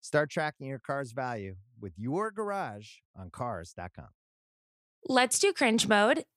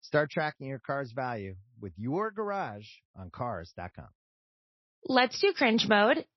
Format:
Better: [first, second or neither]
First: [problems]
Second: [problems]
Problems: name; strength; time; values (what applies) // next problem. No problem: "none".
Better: first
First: none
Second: garbled, watery; slightly; nothing above 5.5 kHz